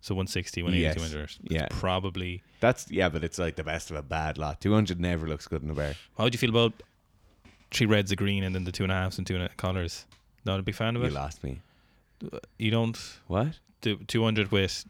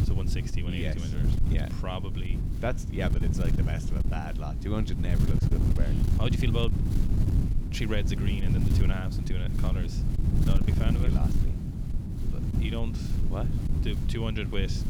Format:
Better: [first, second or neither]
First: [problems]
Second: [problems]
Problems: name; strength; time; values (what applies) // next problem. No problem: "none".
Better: first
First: none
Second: wind noise on the microphone; heavy; 3 dB below the speech